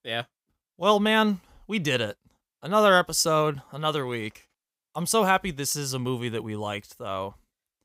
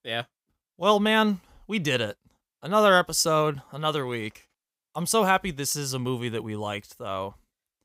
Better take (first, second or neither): neither